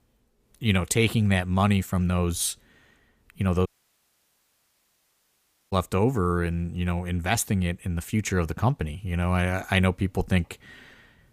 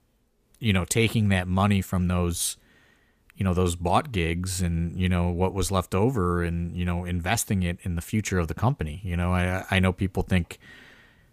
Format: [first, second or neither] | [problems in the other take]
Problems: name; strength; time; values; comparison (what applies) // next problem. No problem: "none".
second | audio cutting out; at 3.5 s for 2 s